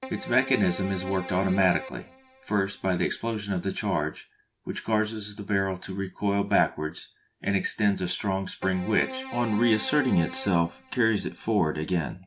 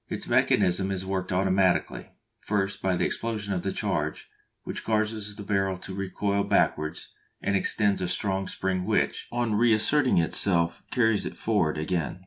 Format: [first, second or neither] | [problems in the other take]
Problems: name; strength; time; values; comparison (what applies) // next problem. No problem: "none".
second | background sound (Keyboard (musical)); 13 dB below the speech